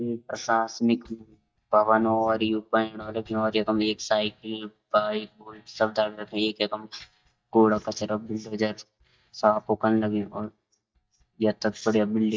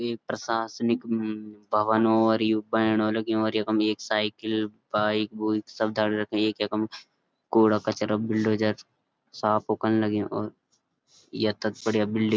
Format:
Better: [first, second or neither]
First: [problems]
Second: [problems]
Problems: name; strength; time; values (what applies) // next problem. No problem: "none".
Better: second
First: noise reduction (neural mask model DeepFilterNet 3)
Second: none